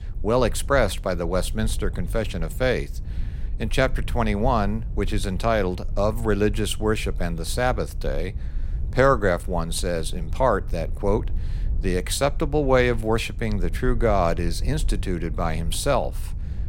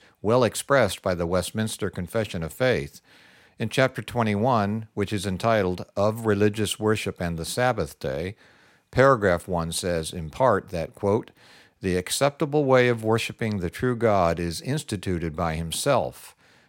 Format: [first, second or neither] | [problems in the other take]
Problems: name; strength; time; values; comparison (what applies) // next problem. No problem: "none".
second | low rumble; faint; throughout; 25 dB below the speech